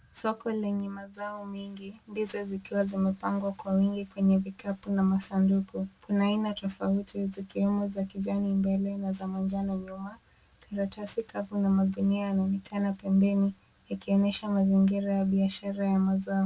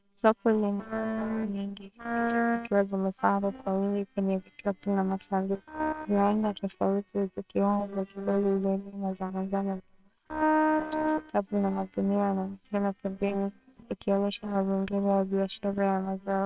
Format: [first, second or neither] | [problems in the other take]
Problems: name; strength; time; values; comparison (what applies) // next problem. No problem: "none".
first | noise reduction (neural separator model SepFormer WHAMR!)